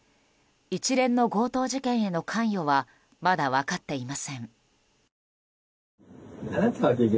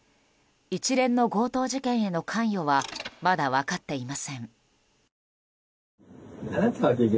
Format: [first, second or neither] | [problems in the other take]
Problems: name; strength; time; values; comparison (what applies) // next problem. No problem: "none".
first | background sound (Mechanisms); 17 dB below the speech